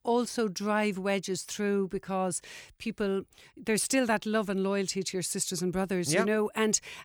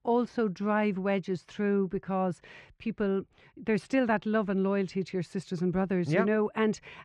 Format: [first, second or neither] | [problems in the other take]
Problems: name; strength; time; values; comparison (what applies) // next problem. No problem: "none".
first | muffled; very; fading above 2 kHz